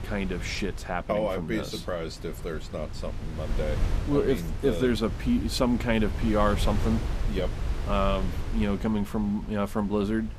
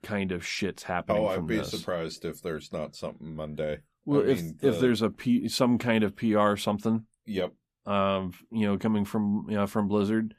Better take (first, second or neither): second